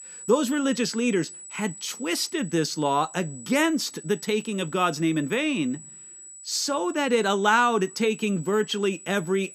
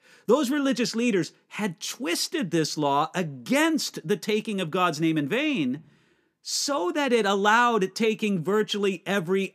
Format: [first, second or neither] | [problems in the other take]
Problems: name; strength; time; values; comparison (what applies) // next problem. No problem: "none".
second | high-pitched whine; noticeable; throughout; 8 kHz, 15 dB below the speech